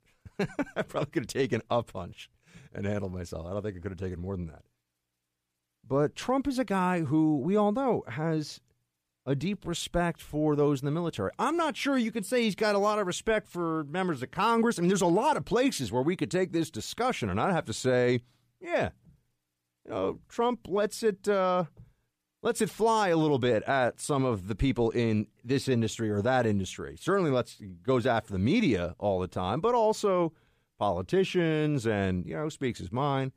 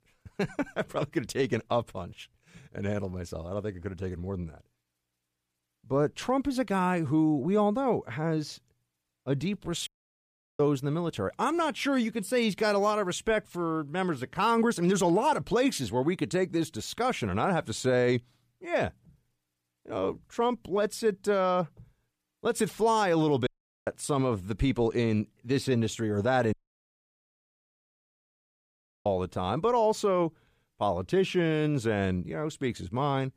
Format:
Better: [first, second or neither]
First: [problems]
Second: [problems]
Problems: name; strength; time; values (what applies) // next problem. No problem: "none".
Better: first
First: none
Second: audio cutting out; at 10 s for 0.5 s, at 23 s and at 27 s for 2.5 s